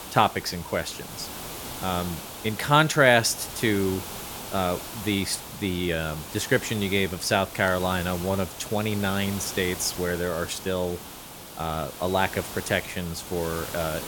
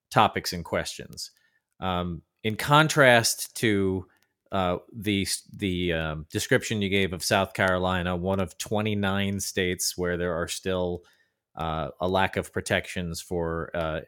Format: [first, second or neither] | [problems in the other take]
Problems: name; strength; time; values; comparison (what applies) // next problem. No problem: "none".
second | hiss; noticeable; throughout; 10 dB below the speech